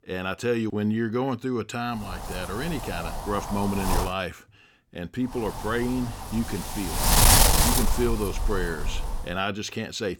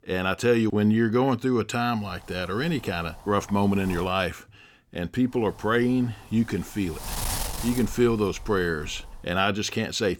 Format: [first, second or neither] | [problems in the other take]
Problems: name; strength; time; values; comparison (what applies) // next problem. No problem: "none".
second | wind noise on the microphone; heavy; from 2 to 4 s and from 5.5 to 9 s; 4 dB above the speech; occasional gusts in the second